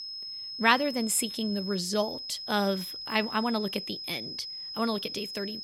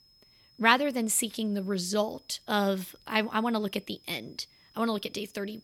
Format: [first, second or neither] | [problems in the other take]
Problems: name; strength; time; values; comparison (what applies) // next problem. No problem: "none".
second | high-pitched whine; loud; throughout; 5 kHz, 7 dB below the speech; faint in the second